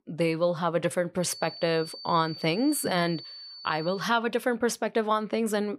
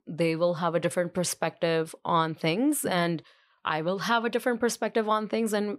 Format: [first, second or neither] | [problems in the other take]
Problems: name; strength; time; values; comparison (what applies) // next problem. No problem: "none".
second | high-pitched whine; noticeable; from 1 to 4 s; 4.5 kHz, 15 dB below the speech